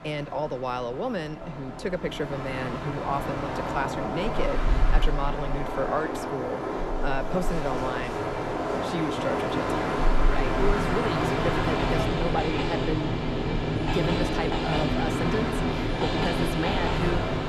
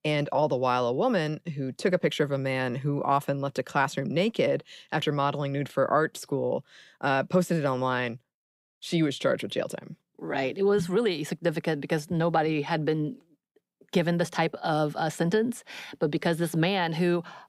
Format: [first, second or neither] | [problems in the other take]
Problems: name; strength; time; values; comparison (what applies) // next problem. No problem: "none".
second | train or aircraft noise; very loud; throughout; 4 dB above the speech